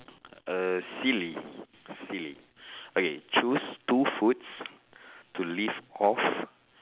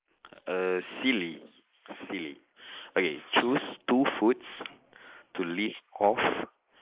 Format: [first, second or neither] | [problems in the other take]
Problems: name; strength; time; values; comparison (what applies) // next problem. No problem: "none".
first | noise reduction (neural mask model Resemble Enhance denoiser)